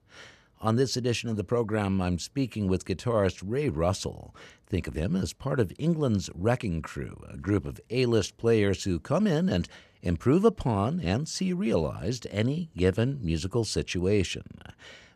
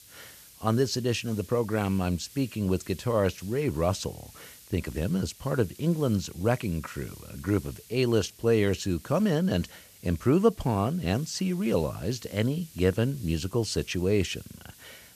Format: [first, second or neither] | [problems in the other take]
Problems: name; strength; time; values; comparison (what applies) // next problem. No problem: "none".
first | hiss; faint; throughout; 20 dB below the speech